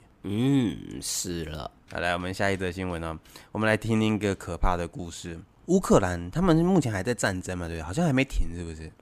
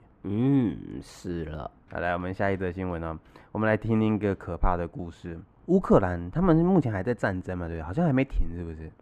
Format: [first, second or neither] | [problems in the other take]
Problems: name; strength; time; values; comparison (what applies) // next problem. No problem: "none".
first | muffled; very; fading above 3 kHz